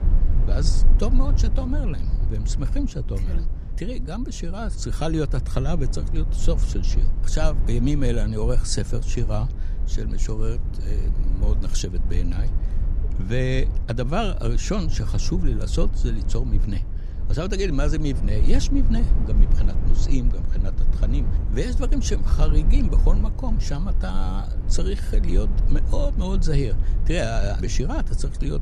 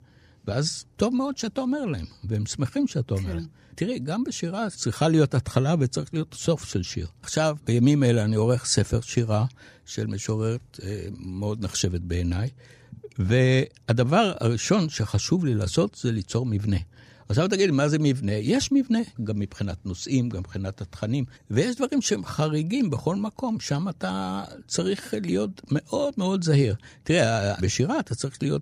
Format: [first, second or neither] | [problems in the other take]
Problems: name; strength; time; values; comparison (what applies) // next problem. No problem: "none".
second | low rumble; noticeable; throughout; 10 dB below the speech